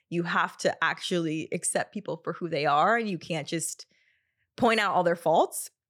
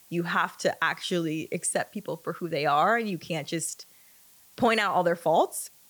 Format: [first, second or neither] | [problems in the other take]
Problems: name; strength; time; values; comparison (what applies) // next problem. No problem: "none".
first | hiss; faint; throughout; 25 dB below the speech